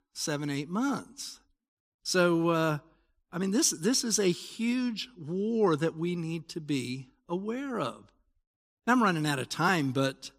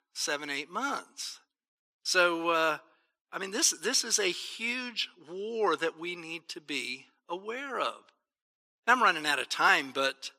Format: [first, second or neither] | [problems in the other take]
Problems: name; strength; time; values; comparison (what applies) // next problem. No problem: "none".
first | thin; very; fading below 550 Hz